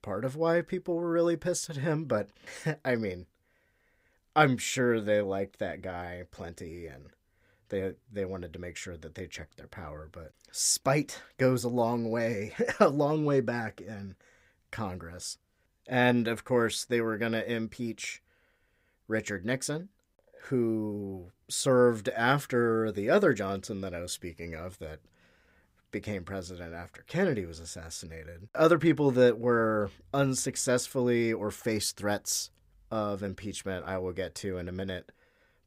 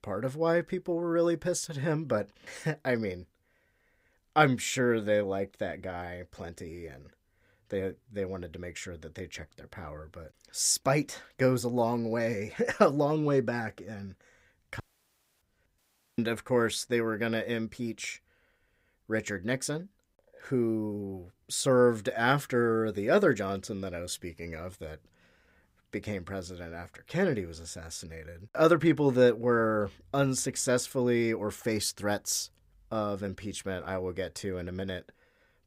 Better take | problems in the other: first | audio cutting out; at 15 s for 0.5 s and at 16 s

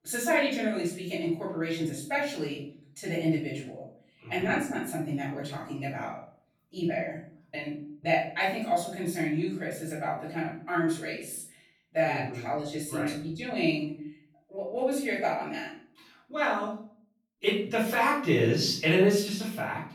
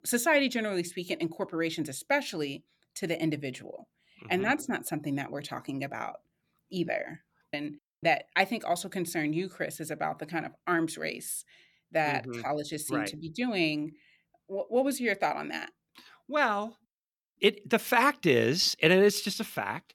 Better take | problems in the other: second | off-mic speech; far // room echo; noticeable; dies away in 0.5 s

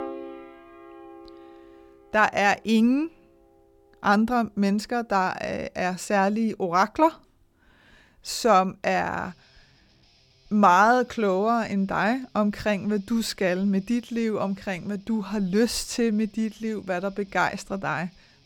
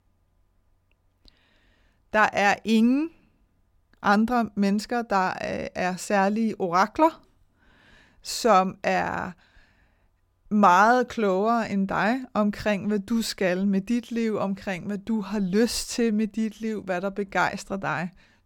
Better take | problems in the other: second | background music; faint; throughout; 25 dB below the speech

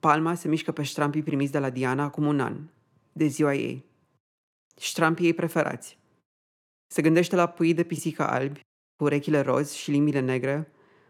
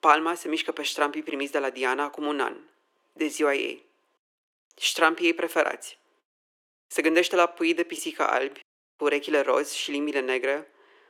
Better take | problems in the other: first | thin; somewhat; fading below 350 Hz

